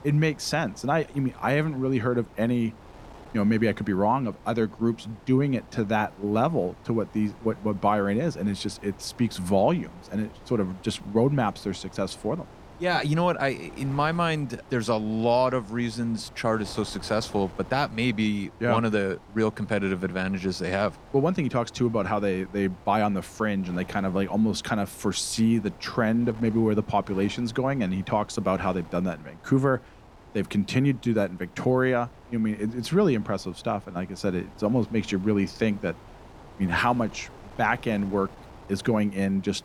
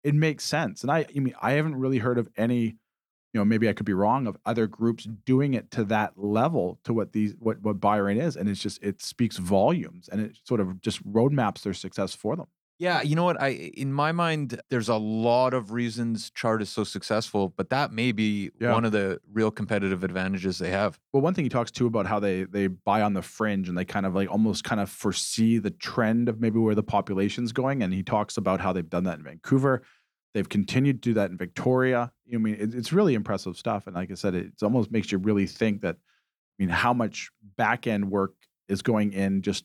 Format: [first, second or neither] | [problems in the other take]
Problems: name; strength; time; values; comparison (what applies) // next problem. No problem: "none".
second | wind noise on the microphone; occasional gusts; 20 dB below the speech